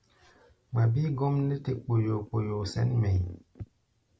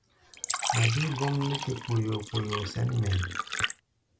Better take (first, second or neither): first